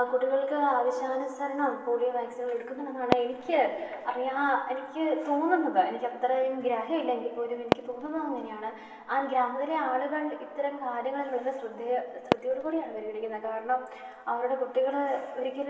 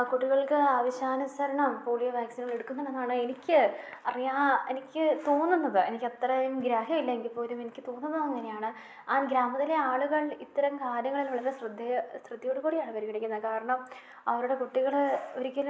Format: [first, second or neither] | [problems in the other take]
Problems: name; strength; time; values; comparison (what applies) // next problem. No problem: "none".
second | background sound (Fireworks); 11 dB below the speech // room echo; dies away in 2.2 s